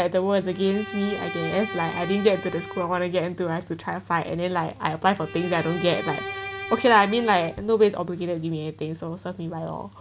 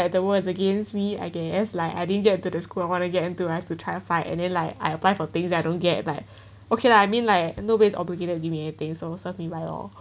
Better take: second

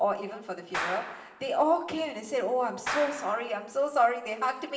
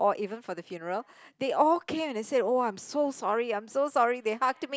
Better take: second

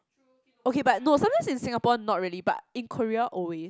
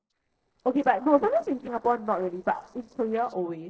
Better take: first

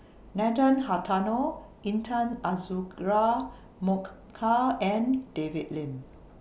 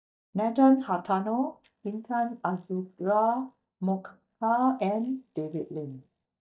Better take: first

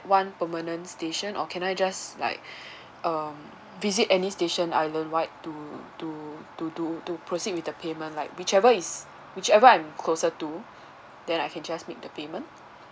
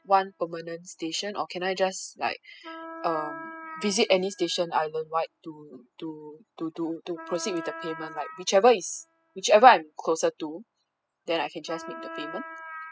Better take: first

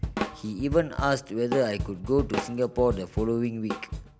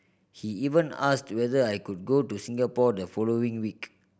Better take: second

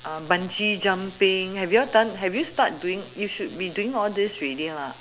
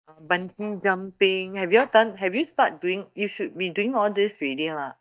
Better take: first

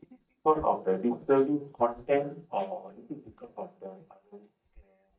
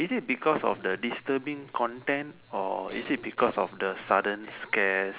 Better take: second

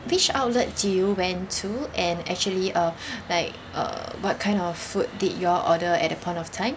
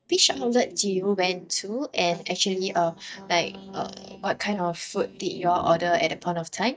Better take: first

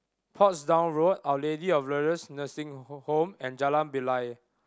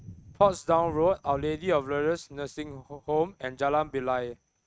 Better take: first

